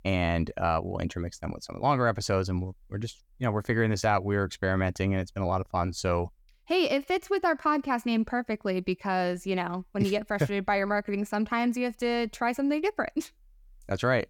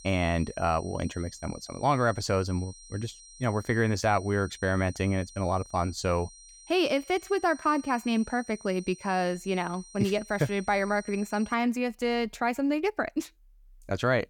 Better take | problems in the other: first | high-pitched whine; noticeable; until 12 s; 5.5 kHz, 20 dB below the speech

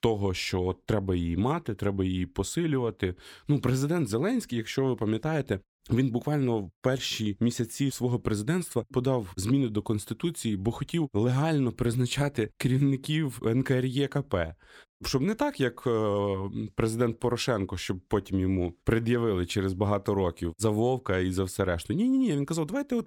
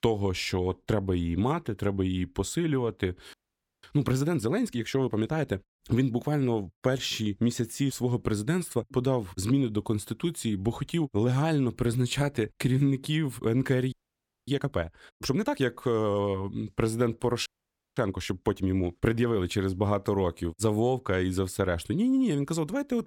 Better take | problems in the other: first | audio freezing; at 3.5 s, at 14 s for 0.5 s and at 17 s for 0.5 s

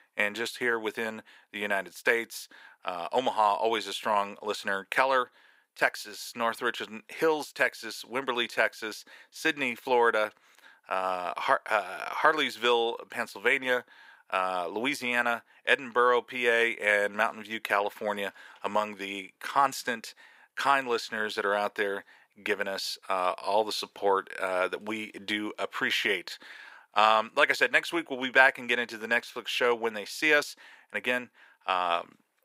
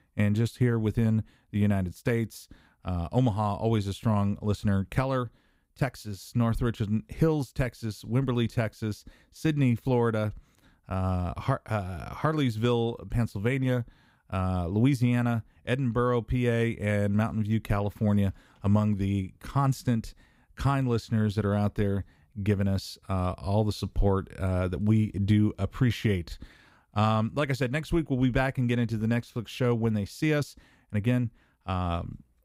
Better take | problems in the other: second | thin; very; fading below 450 Hz

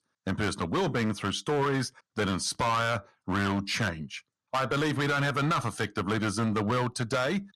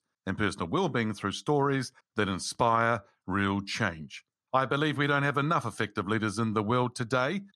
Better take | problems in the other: second | distortion; heavy; 12% of the sound clipped

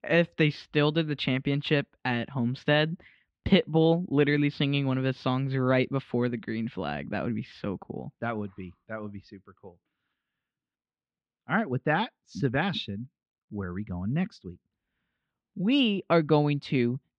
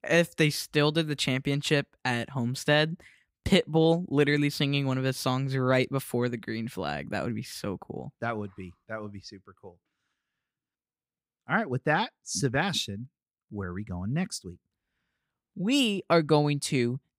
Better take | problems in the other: second | muffled; slightly; fading above 3.5 kHz

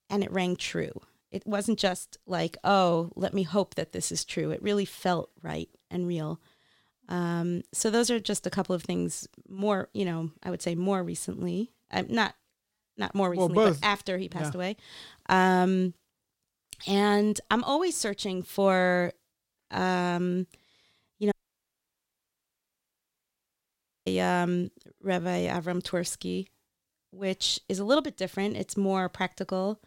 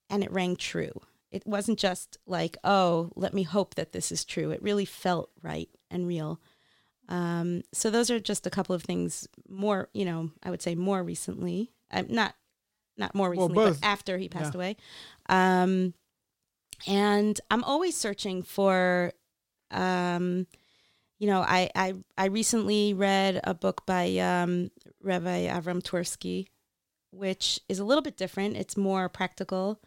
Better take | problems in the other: second | audio cutting out; at 21 s for 2.5 s

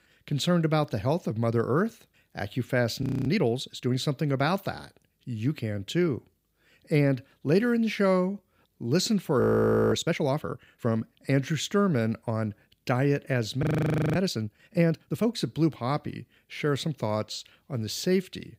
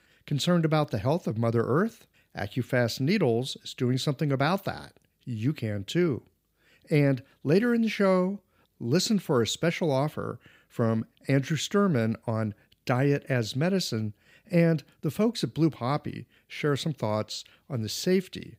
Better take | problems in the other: second | audio freezing; at 3 s, at 9.5 s for 0.5 s and at 14 s for 0.5 s

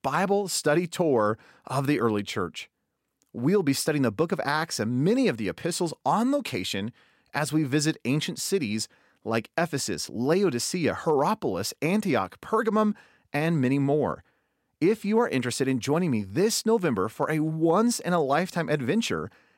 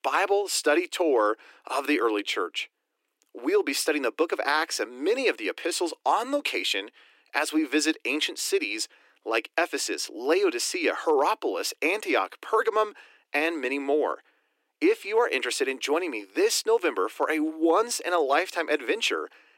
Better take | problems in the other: first | thin; somewhat; fading below 300 Hz

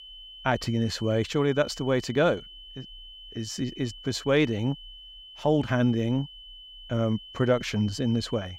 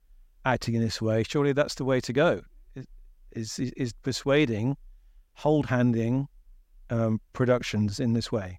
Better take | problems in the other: second | high-pitched whine; noticeable; throughout; 3 kHz, 15 dB below the speech

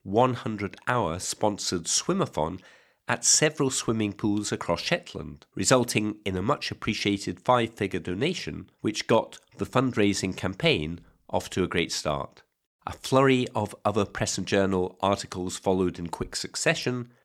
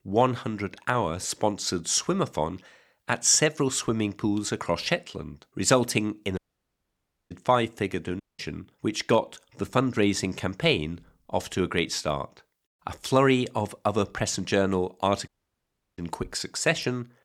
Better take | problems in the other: first | audio cutting out; at 6.5 s for 1 s, at 8 s and at 15 s for 0.5 s

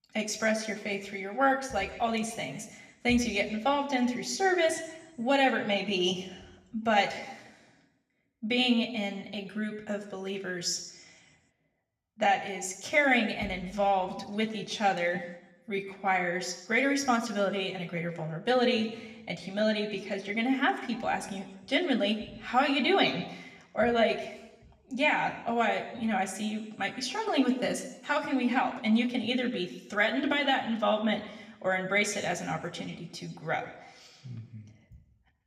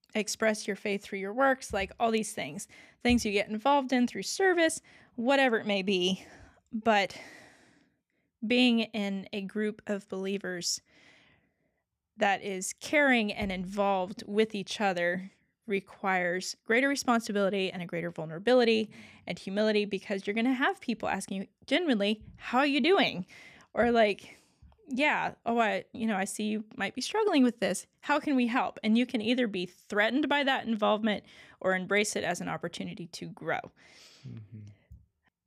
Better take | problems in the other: second | room echo; slight; dies away in 0.9 s // off-mic speech; somewhat distant

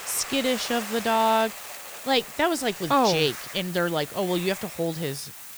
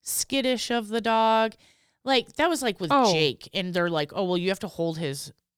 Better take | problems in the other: second | hiss; noticeable; throughout; 10 dB below the speech

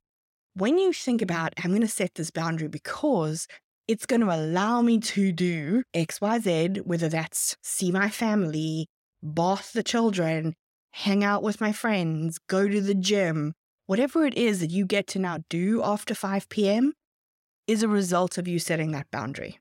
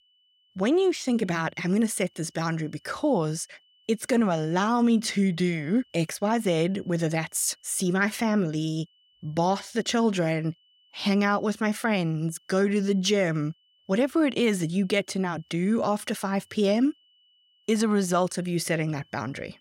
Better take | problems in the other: first | high-pitched whine; faint; throughout; 3 kHz, 35 dB below the speech

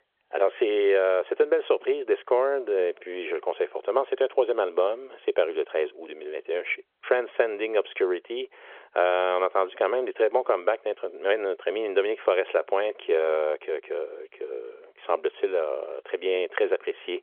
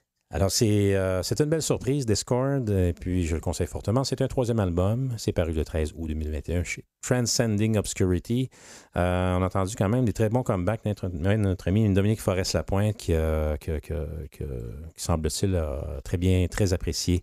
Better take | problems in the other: second | phone-call audio; nothing above 3.5 kHz

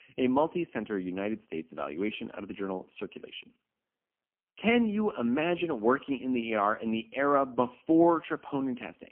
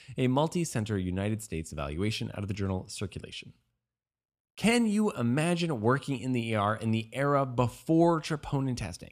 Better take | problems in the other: second | phone-call audio; poor line; nothing above 3 kHz

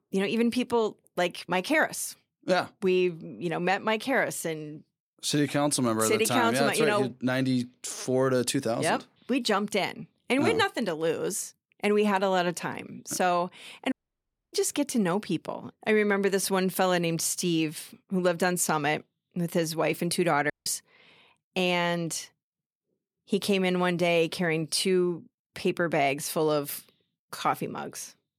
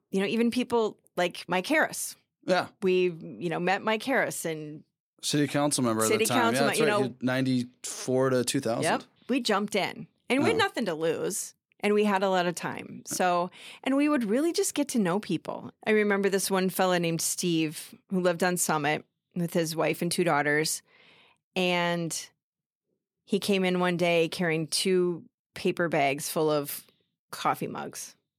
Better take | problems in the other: second | audio cutting out; at 14 s for 0.5 s and at 21 s

